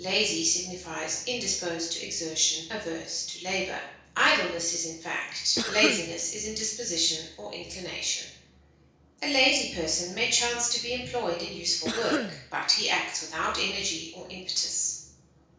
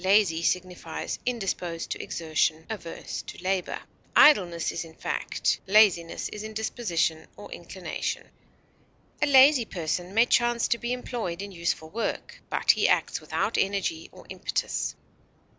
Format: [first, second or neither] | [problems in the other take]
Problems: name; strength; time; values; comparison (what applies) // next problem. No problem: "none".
second | background sound (Cough); 5 dB below the speech // room echo; dies away in 0.6 s